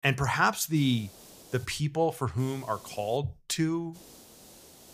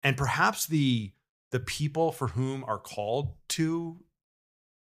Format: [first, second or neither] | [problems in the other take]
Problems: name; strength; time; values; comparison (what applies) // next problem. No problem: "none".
second | hiss; faint; at 1 s, at 2.5 s and from 4 s on; 20 dB below the speech